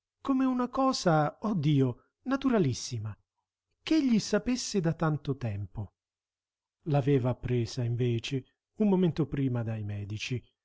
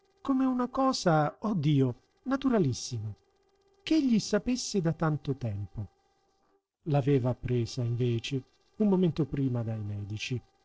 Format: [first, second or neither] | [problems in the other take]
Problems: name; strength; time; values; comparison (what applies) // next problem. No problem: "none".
first | noise reduction (neural separator model SepFormer DNS4)